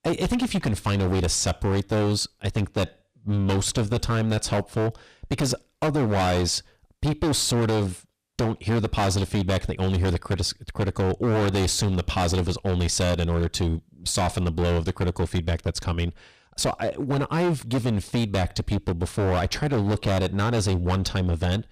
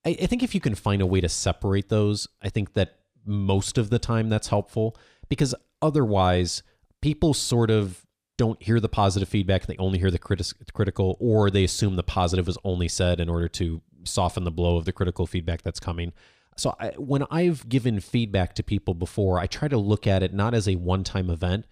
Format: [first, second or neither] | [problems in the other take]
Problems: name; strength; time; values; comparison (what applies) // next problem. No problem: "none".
second | distortion; heavy; 23% of the sound clipped